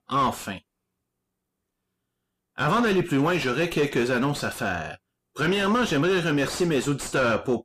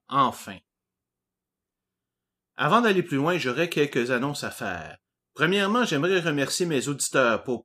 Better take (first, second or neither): second